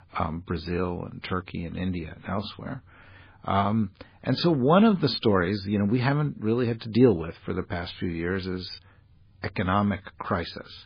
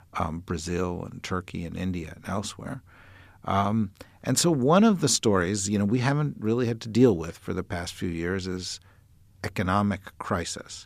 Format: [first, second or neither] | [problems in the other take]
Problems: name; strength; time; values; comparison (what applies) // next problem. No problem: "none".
second | garbled, watery; badly; nothing above 4 kHz